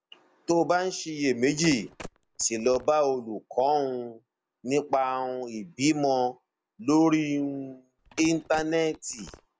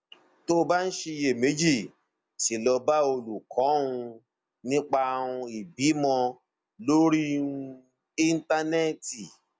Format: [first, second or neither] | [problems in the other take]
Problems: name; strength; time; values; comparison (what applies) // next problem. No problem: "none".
second | background sound (Telephone); 19 dB below the speech